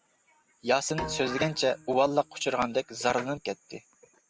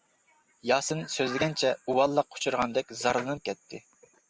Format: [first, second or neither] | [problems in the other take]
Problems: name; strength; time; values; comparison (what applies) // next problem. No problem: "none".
second | background sound (Bowed string instrument); 14 dB below the speech